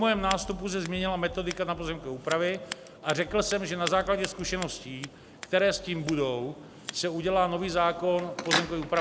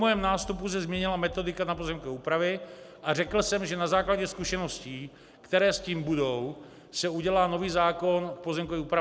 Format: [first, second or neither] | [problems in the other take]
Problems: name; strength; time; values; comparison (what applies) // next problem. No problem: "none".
second | background sound (Scissors); 11 dB below the speech